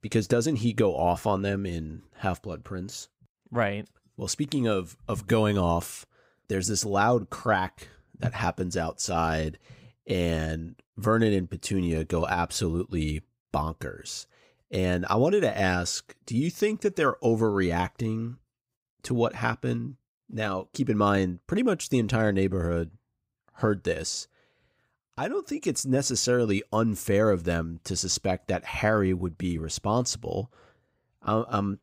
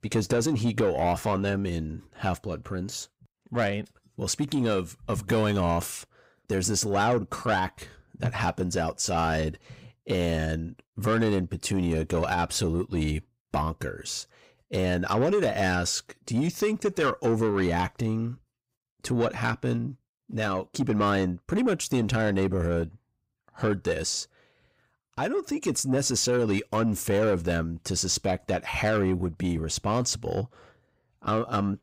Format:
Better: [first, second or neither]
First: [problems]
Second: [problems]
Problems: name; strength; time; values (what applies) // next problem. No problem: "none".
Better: first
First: none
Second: distortion; slight; 10 dB below the speech